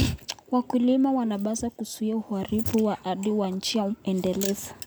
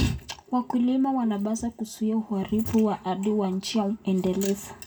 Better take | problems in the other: first | room echo; dies away in 0.2 s

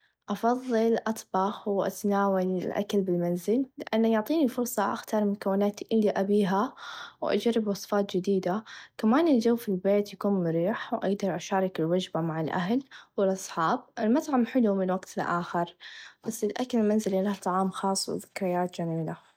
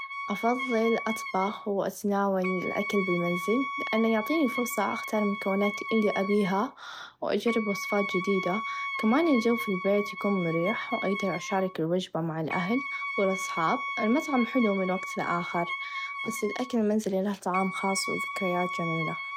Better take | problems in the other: first | background sound (Wind instrument, woodwind instrument); 7 dB below the speech

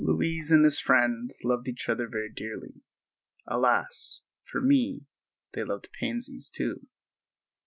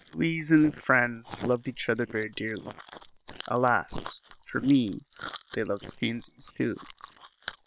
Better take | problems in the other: first | noise reduction (neural separator model SepFormer WHAM!)

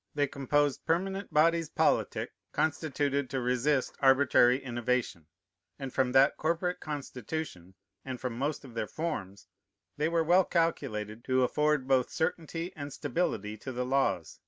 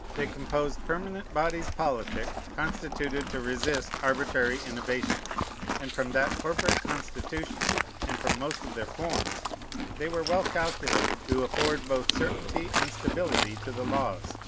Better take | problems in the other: first | background sound (Livestock, farm animals, working animals); as loud as the speech

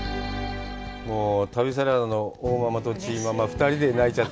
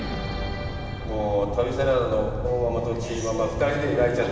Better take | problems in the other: first | background sound (Explosion); 8 dB below the speech // room echo; dies away in 1.6 s

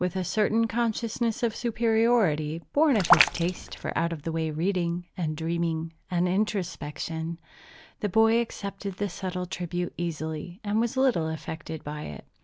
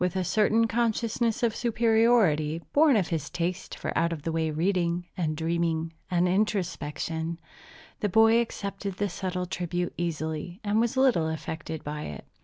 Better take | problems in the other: second | background sound (Raindrop); 1 dB above the speech

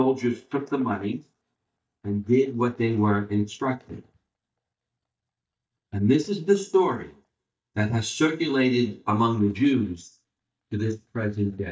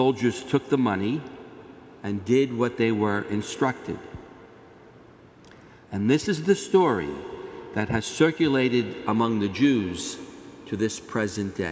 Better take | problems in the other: second | noise reduction (neural mask model DeepFilterNet 3)

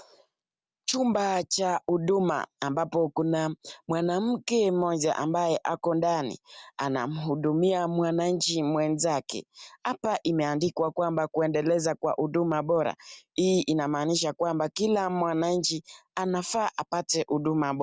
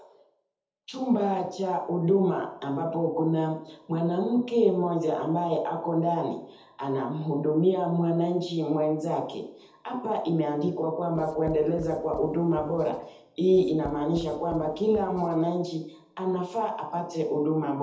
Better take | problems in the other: first | background sound (Writing); 17 dB below the speech // room echo; dies away in 0.7 s

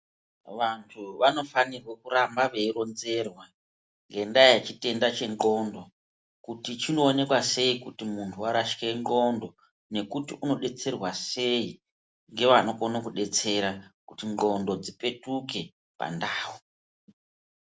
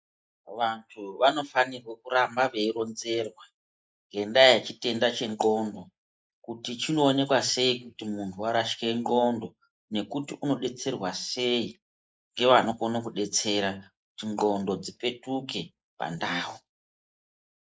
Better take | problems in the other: first | noise reduction (neural mask model Resemble Enhance denoiser)

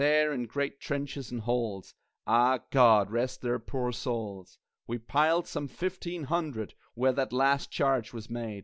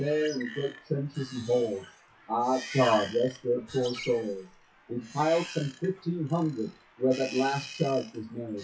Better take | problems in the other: first | noise reduction (classical method WPE with log-MMSE)

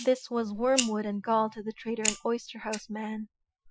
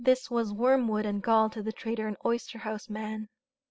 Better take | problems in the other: second | noise reduction (classical method Wiener filter)

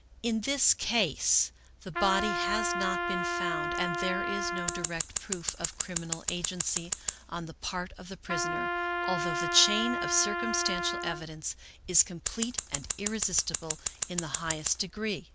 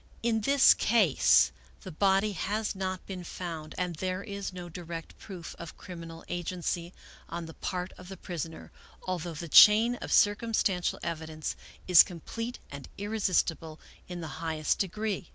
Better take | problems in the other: second | background sound (Trumpet + Scissors); 1 dB below the speech

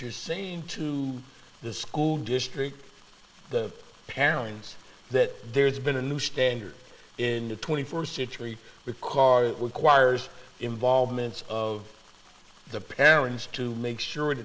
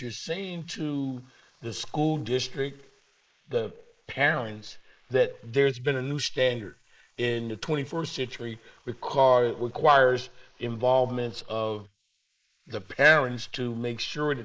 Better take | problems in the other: first | noise reduction (neural mask model Resemble Enhance denoiser)

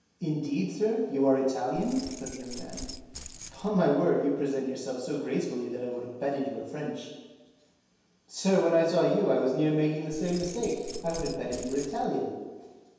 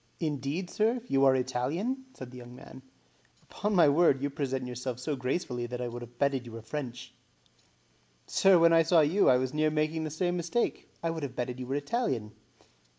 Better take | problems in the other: second | background sound (Keys jangling); 13 dB below the speech // room echo; dies away in 1.2 s

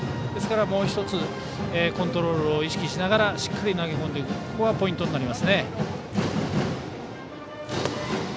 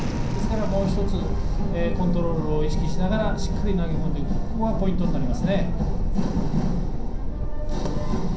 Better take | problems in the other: first | background sound (Thunderstorm); 3 dB above the speech // room echo; dies away in 0.6 s

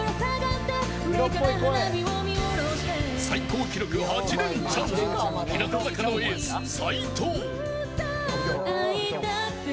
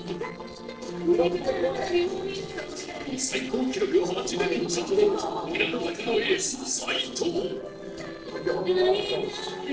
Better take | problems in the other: first | noise reduction (neural separator model SepFormer DNS4)

